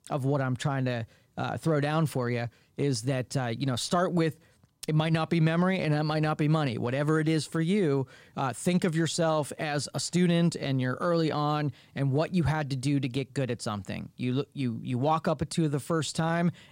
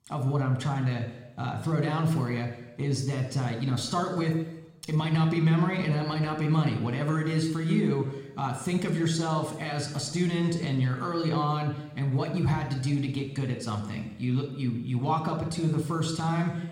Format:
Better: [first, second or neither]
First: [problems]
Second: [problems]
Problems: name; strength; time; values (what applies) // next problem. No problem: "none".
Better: first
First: none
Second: room echo; slight; dies away in 1 s